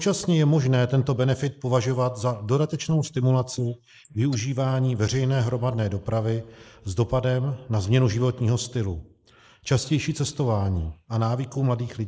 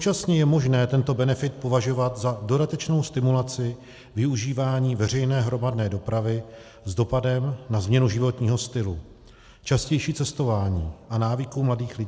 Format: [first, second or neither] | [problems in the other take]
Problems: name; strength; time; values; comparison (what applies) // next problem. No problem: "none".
second | noise reduction (neural mask model Resemble Enhance denoiser)